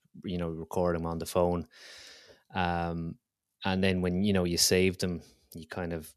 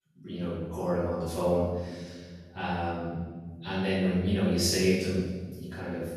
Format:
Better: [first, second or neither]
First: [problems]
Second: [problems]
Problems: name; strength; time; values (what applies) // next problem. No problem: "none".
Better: first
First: none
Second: off-mic speech; far // room echo; strong; dies away in 1.8 s